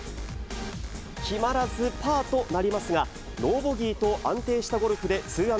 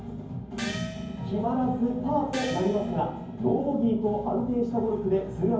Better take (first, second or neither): first